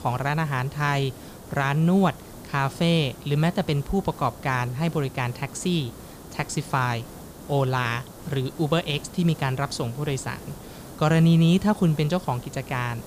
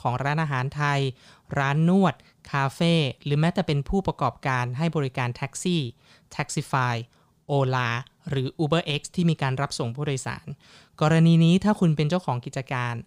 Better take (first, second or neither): second